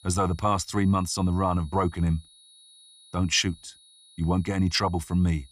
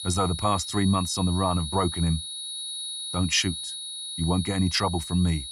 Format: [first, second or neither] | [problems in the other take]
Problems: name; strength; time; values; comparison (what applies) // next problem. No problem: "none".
first | high-pitched whine; loud; throughout; 4 kHz, 7 dB below the speech; faint in the first